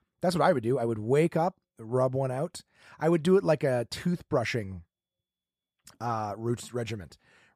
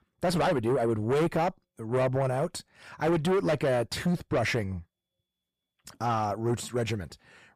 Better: first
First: none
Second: distortion; heavy; 6 dB below the speech

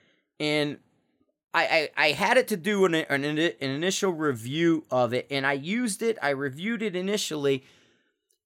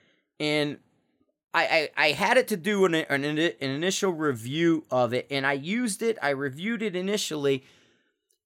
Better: neither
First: none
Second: none

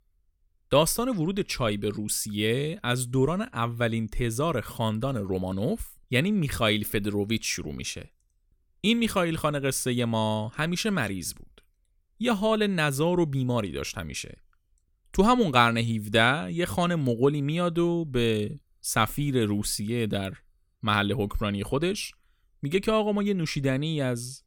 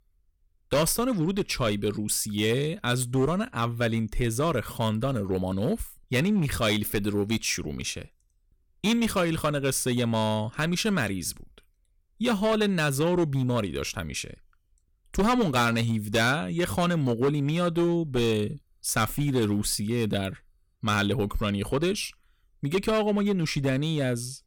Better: first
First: none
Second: distortion; slight; 6% of the sound clipped

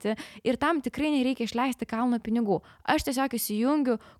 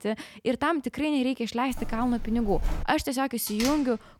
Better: first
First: none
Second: jangling keys; noticeable; from 1.5 to 3 s; peak 7 dB below the speech // door banging; noticeable; at 3.5 s; peak 5 dB below the speech

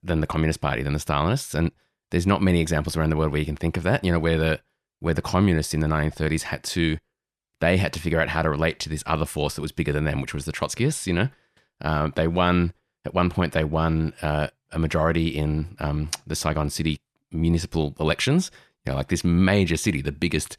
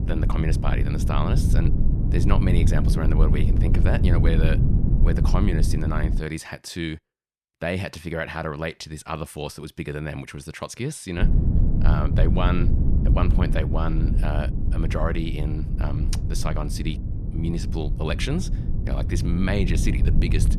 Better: first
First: none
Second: low rumble; loud; until 6 s and from 11 s on; 5 dB below the speech

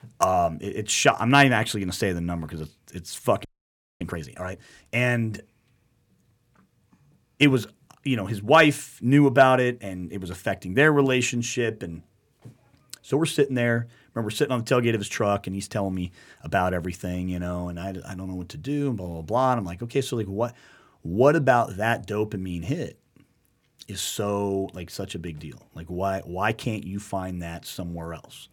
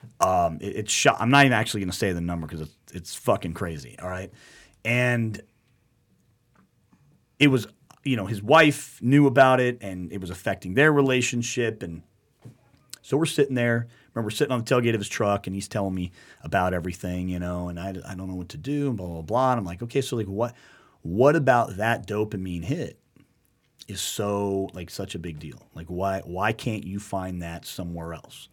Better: second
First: audio freezing; at 3.5 s for 0.5 s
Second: none

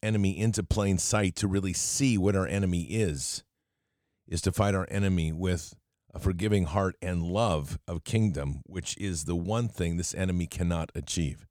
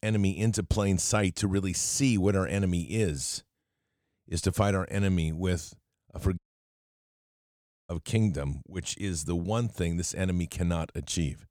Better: first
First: none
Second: audio cutting out; at 6.5 s for 1.5 s

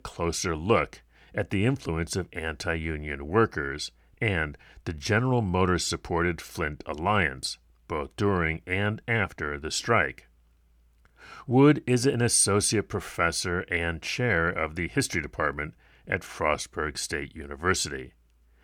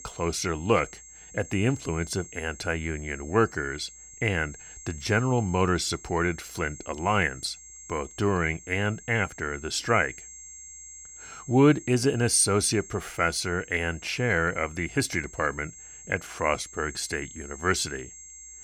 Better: first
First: none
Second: high-pitched whine; noticeable; throughout; 7.5 kHz, 15 dB below the speech

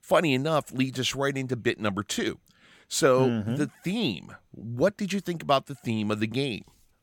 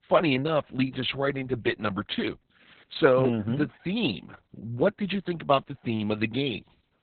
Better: first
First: none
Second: garbled, watery; badly; nothing above 4 kHz

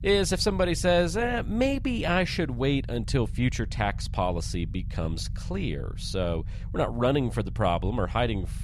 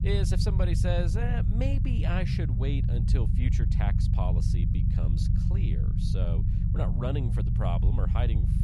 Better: first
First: low rumble; faint; throughout; 25 dB below the speech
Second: low rumble; loud; throughout; 3 dB below the speech

